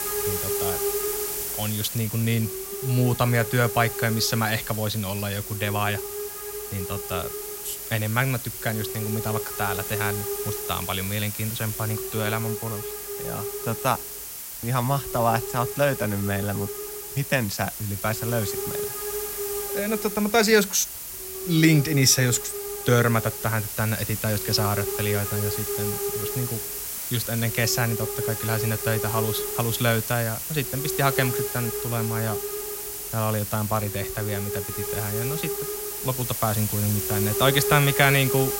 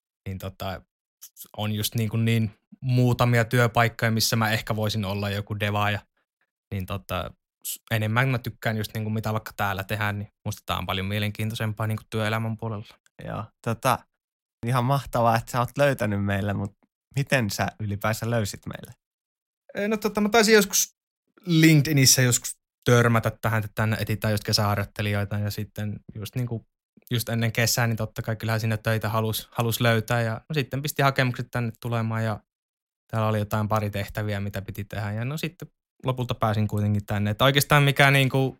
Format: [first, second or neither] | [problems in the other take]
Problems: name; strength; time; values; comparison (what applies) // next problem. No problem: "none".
second | hiss; loud; throughout; 4 dB below the speech